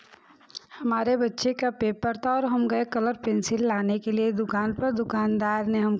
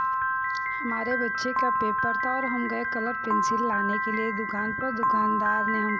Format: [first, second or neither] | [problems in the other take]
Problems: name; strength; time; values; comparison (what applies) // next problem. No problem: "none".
first | background sound (Piano); 4 dB above the speech